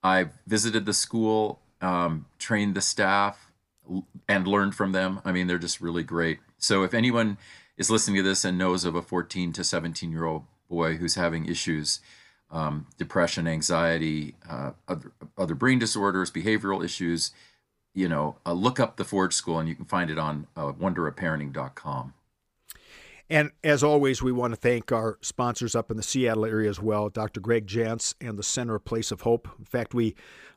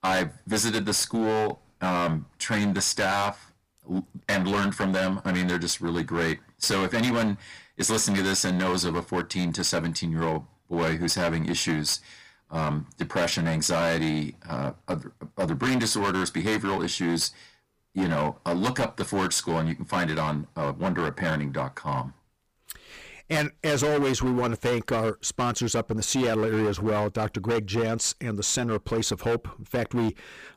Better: first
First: none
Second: distortion; heavy; 17% of the sound clipped

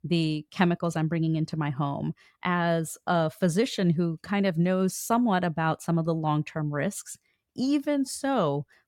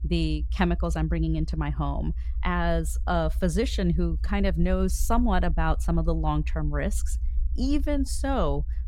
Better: first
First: none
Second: low rumble; faint; throughout; 20 dB below the speech

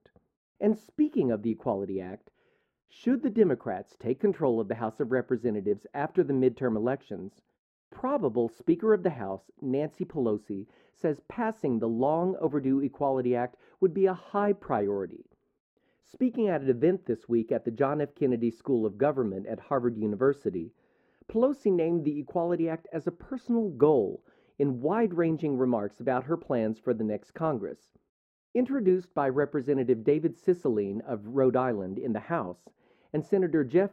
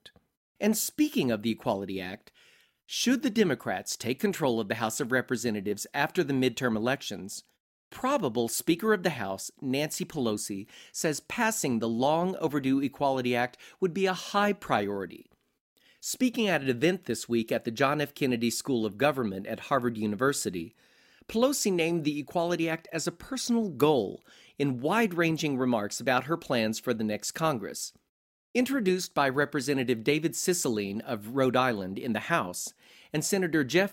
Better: second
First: muffled; very; fading above 2.5 kHz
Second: none

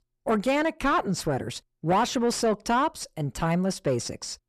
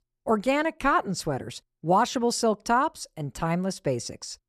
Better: second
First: distortion; slight; 10 dB below the speech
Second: none

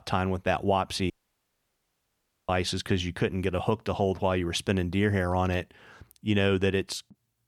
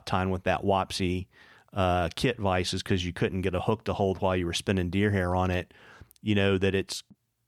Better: second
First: audio cutting out; at 1 s for 1.5 s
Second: none

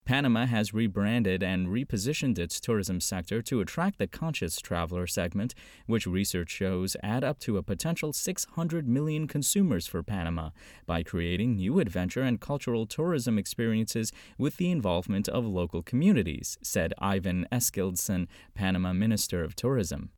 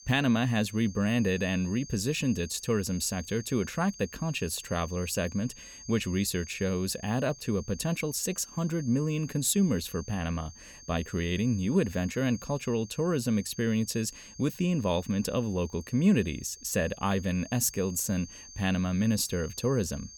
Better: first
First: none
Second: high-pitched whine; noticeable; throughout; 6.5 kHz, 15 dB below the speech

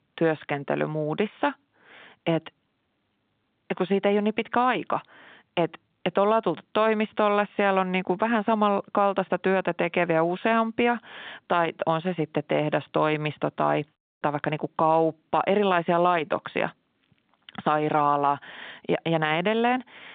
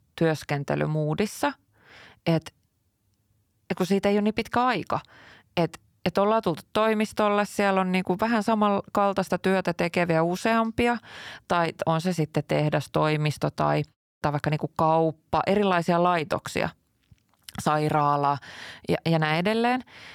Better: second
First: phone-call audio; nothing above 3.5 kHz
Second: none

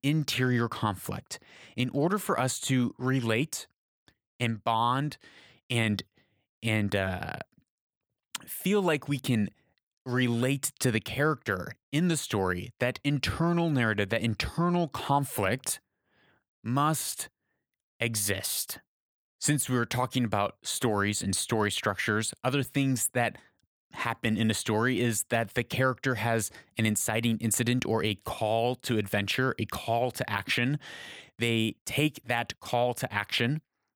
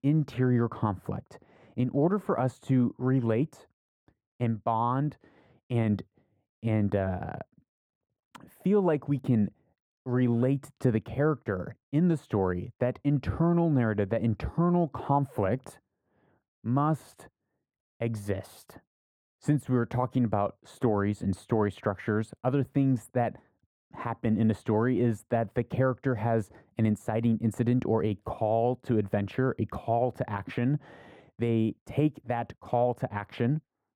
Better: first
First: none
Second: muffled; very; fading above 2 kHz

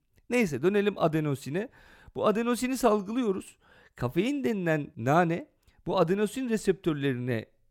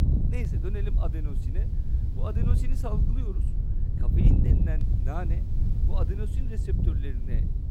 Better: first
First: none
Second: wind noise on the microphone; heavy; as loud as the speech

